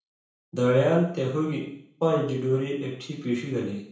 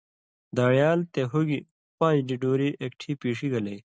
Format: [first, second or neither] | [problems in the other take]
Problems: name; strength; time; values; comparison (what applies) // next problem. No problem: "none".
second | room echo; dies away in 0.6 s